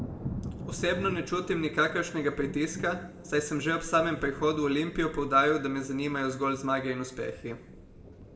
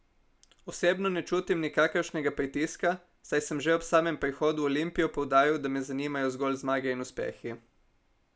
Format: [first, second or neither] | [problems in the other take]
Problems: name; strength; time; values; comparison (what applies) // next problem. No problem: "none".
second | background sound (Thunder); 12 dB below the speech // room echo; dies away in 0.8 s